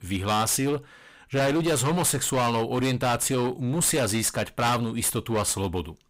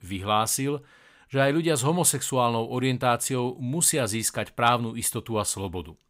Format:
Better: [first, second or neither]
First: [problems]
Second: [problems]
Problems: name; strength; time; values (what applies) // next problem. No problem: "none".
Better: second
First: distortion; heavy; 21% of the sound clipped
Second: none